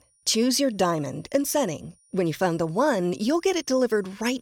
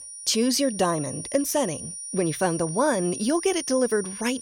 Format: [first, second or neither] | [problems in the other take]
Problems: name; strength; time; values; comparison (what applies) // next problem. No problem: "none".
first | high-pitched whine; loud; throughout; 9.5 kHz, 9 dB below the speech; faint in the first